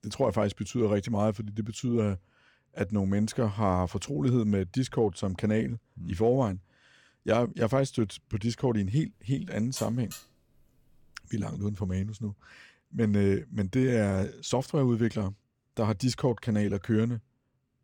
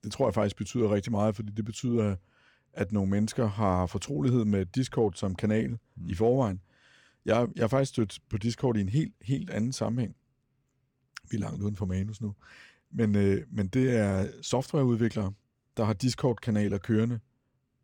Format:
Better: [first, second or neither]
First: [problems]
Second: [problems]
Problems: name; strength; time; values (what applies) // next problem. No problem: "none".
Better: second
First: alarm; faint; from 9 to 11 s; peak 10 dB below the speech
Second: none